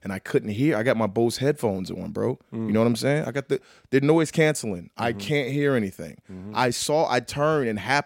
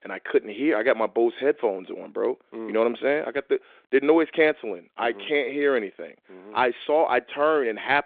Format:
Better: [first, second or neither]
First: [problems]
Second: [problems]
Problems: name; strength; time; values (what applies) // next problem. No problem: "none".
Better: first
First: none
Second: phone-call audio; nothing above 3.5 kHz